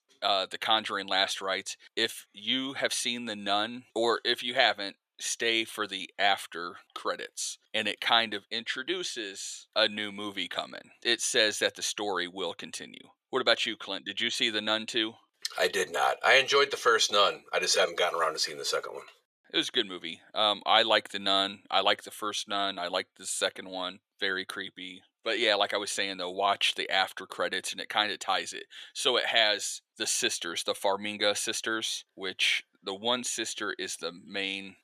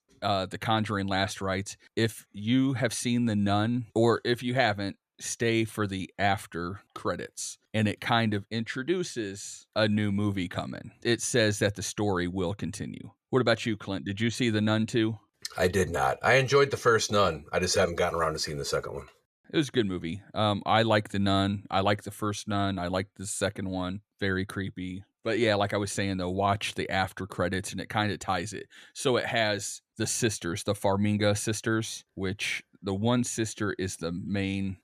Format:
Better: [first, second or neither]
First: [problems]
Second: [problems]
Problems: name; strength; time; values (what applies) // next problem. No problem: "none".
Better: second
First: thin; somewhat; fading below 500 Hz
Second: none